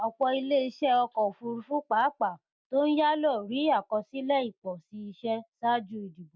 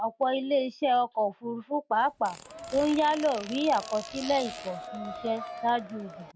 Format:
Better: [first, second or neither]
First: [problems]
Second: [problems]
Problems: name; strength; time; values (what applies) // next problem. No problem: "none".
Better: first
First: none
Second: background sound (Crowd + Fart); 12 dB below the speech